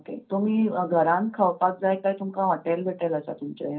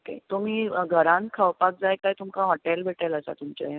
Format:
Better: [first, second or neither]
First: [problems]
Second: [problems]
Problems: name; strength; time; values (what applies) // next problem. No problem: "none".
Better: second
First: room echo; dies away in 0.3 s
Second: none